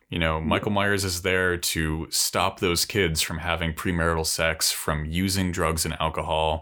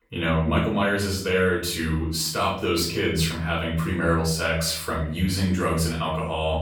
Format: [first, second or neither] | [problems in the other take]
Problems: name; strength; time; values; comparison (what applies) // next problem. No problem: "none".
first | off-mic speech; far // room echo; noticeable; dies away in 0.6 s